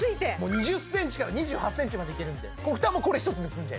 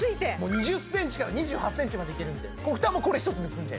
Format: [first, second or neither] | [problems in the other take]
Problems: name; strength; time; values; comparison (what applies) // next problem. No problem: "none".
first | background sound (Acoustic guitar); 16 dB below the speech